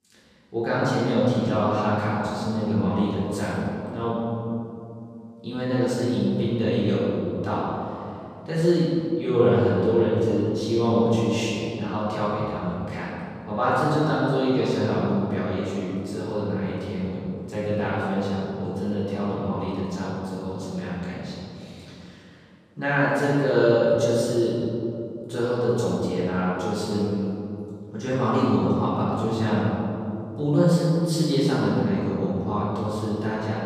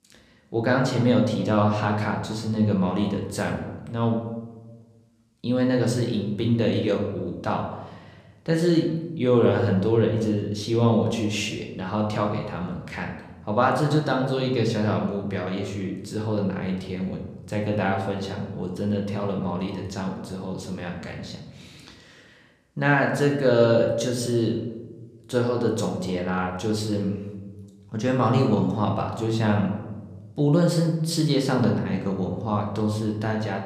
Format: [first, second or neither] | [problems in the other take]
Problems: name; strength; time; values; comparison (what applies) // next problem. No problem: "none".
second | room echo; strong; dies away in 2.6 s; slight in the second // off-mic speech; far; somewhat distant in the second